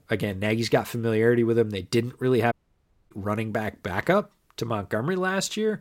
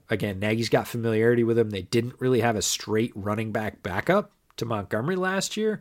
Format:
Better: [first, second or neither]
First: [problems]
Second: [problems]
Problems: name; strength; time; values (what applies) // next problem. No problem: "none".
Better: second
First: audio cutting out; at 2.5 s for 0.5 s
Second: none